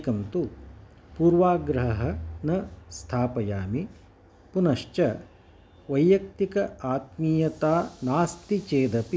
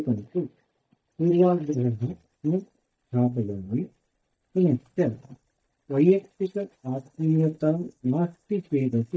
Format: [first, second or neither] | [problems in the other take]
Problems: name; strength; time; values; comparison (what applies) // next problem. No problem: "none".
first | noise reduction (neural mask model DeepFilterNet 3)